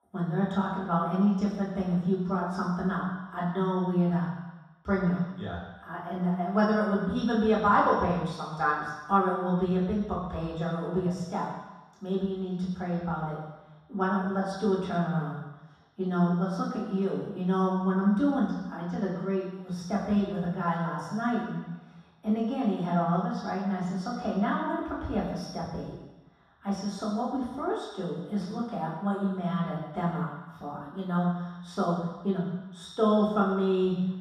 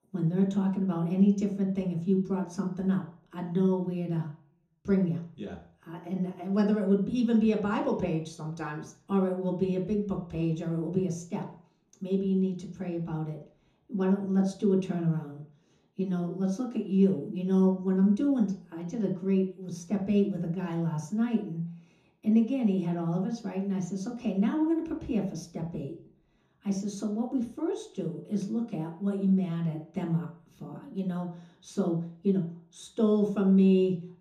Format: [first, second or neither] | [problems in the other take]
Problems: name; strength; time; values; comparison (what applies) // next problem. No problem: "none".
second | room echo; strong; dies away in 1.2 s; slight in the second // off-mic speech; far; far in the second